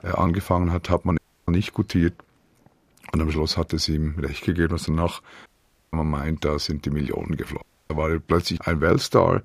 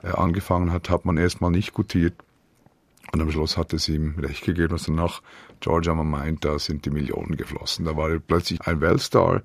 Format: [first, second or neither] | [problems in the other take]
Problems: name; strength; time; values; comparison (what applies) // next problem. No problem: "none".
second | audio cutting out; at 1 s, at 5.5 s and at 7.5 s